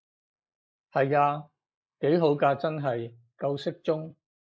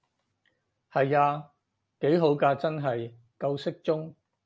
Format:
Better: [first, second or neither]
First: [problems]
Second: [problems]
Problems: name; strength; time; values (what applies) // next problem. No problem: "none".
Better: second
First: noise reduction (neural mask model Resemble Enhance denoiser)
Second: none